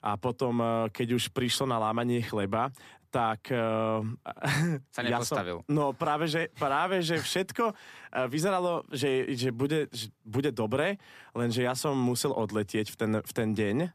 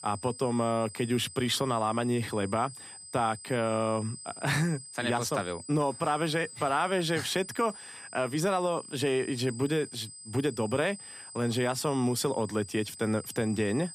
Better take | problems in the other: first | high-pitched whine; noticeable; throughout; 8 kHz, 15 dB below the speech

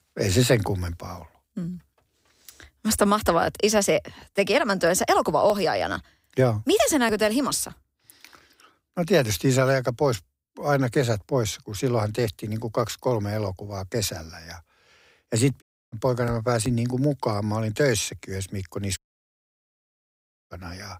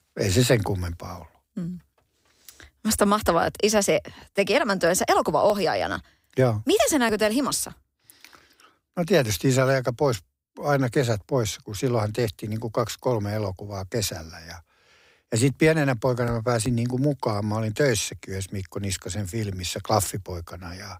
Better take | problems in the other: second | audio cutting out; at 16 s and at 19 s for 1.5 s

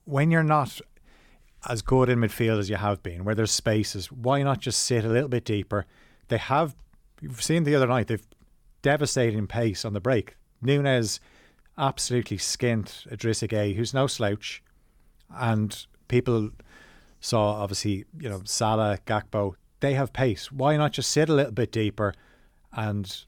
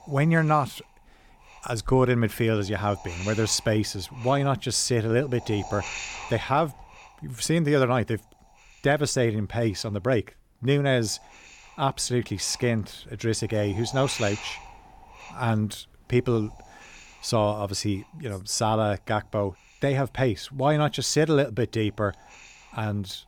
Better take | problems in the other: first | wind noise on the microphone; occasional gusts; 15 dB below the speech

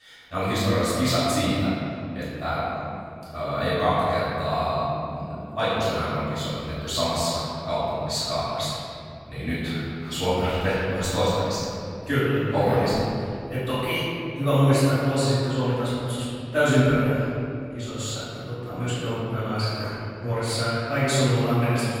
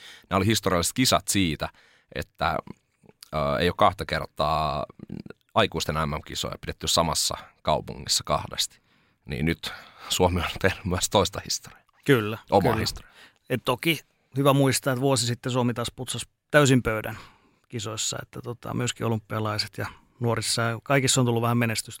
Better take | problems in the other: second | off-mic speech; far // room echo; strong; dies away in 2.6 s

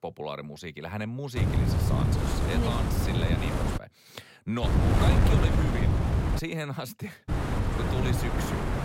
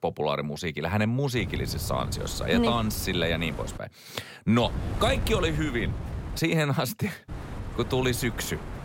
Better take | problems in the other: second | wind noise on the microphone; heavy; from 1.5 to 4 s, from 4.5 to 6.5 s and from 7.5 s on; 3 dB above the speech; occasional gusts in the second

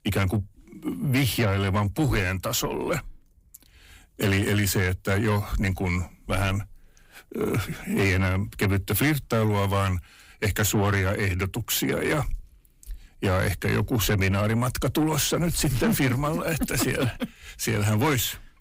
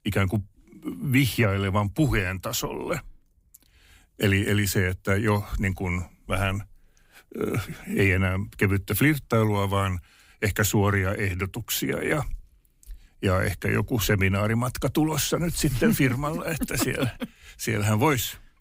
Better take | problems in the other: second | distortion; slight; 10 dB below the speech

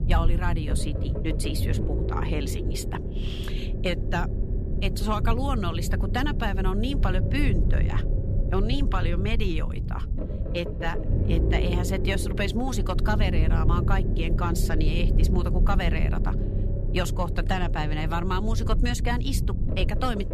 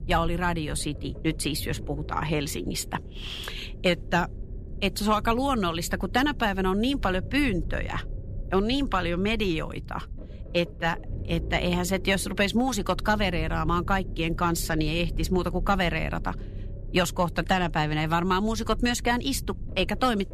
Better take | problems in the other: second | low rumble; loud; throughout; 7 dB below the speech; faint in the second

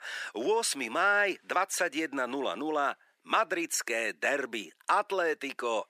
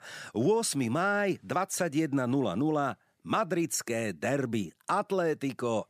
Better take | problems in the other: second | thin; somewhat; fading below 350 Hz

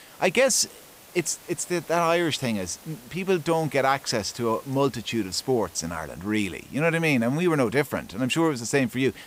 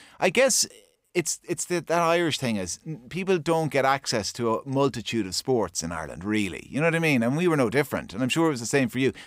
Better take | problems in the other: second | hiss; faint; throughout; 25 dB below the speech

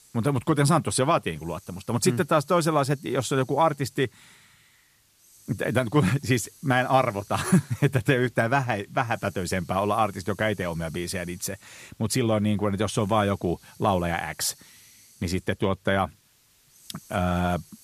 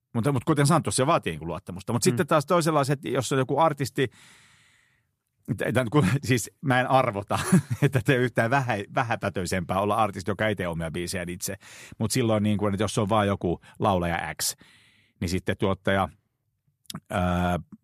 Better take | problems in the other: second | hiss; faint; throughout; 25 dB below the speech

